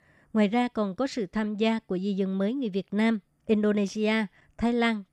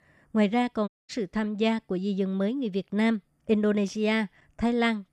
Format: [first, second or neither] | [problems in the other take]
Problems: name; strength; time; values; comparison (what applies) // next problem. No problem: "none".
first | audio cutting out; at 1 s